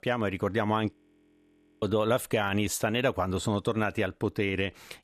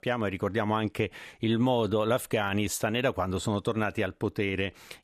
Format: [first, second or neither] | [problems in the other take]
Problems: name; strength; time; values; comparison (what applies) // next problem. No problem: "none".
second | audio freezing; at 1 s for 1 s